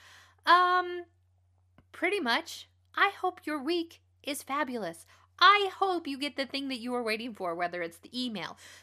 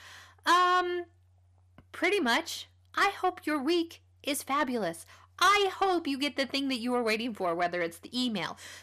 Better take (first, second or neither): first